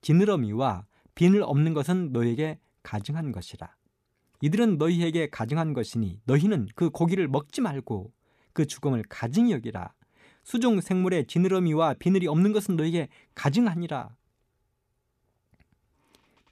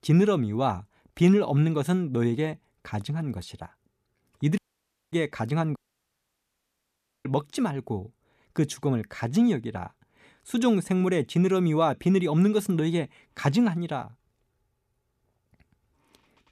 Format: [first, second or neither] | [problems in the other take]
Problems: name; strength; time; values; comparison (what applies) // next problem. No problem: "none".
first | audio cutting out; at 4.5 s for 0.5 s and at 6 s for 1.5 s